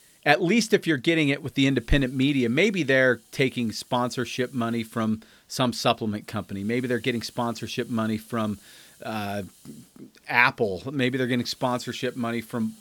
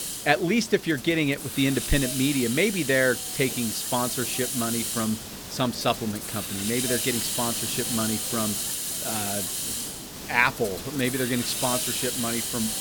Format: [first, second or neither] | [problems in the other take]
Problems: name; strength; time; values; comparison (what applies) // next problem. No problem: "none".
first | hiss; loud; throughout; 2 dB below the speech; faint in the first